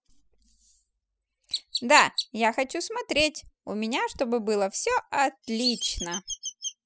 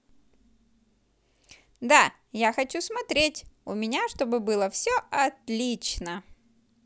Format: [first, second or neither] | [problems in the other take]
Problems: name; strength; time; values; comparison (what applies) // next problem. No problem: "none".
second | noise reduction (classical method spectral subtraction)